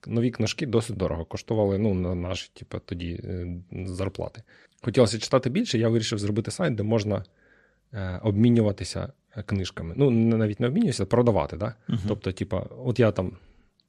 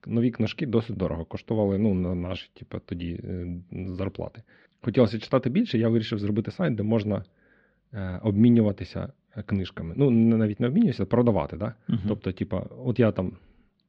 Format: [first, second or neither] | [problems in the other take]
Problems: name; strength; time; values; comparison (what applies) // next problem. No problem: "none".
first | muffled; slightly; fading above 4 kHz